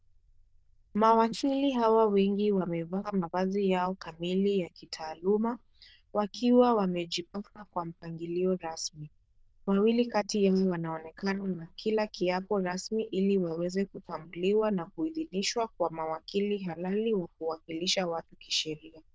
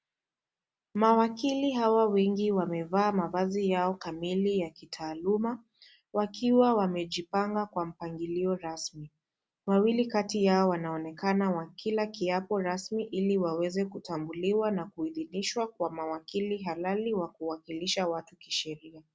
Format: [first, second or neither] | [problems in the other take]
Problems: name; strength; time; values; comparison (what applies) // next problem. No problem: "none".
second | noise reduction (neural diffusion model UNIVERSE++)